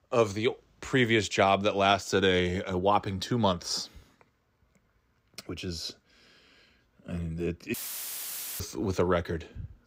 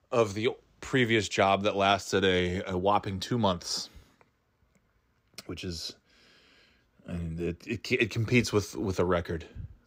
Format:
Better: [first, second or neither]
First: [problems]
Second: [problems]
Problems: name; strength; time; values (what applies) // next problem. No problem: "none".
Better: second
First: audio cutting out; filled with static; at 7.5 s for 1 s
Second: none